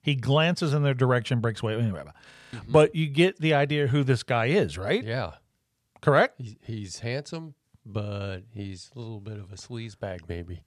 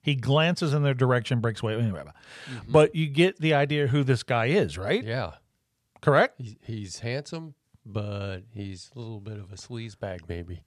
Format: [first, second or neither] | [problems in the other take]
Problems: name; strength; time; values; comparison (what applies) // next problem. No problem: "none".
second | audio freezing; at 2.5 s